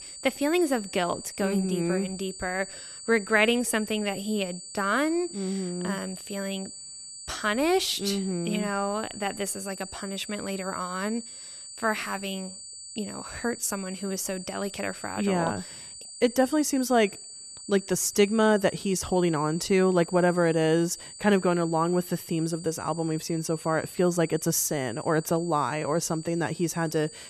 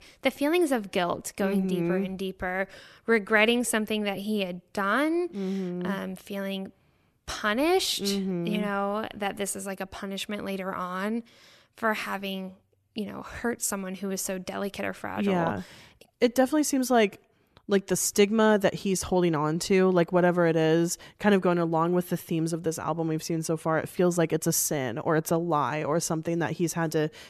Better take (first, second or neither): second